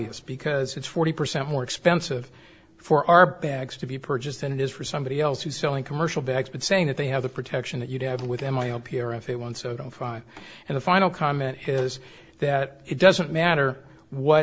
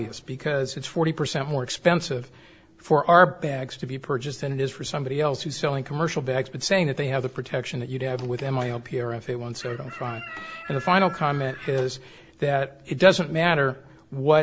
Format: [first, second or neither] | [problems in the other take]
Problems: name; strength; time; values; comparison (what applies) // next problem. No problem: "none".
first | background sound (Chicken, rooster); 15 dB below the speech